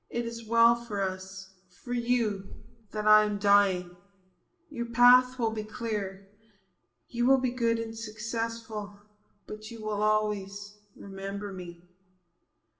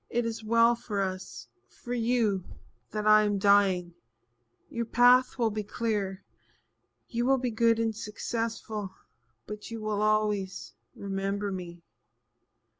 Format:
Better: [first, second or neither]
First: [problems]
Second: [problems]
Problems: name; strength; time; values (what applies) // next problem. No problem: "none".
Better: second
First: room echo; dies away in 0.5 s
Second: none